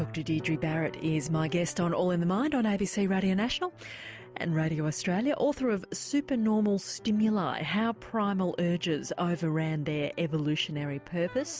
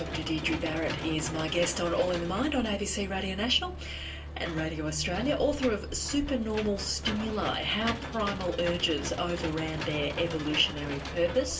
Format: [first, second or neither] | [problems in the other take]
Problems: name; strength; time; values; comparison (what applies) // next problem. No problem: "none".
first | background sound (Engine / Mechanisms); 7 dB below the speech // room echo; dies away in 0.2 s